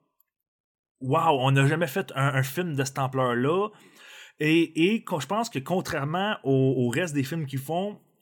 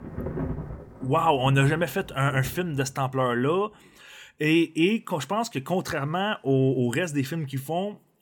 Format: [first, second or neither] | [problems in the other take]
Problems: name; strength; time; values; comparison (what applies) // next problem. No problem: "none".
first | rain or running water; noticeable; throughout; 10 dB below the speech